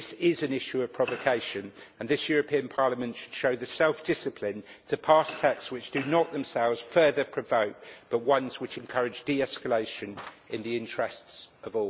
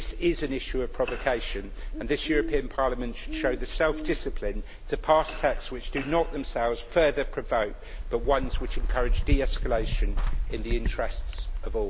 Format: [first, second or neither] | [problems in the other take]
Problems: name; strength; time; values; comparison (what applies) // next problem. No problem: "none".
first | background sound (Bird); 1 dB below the speech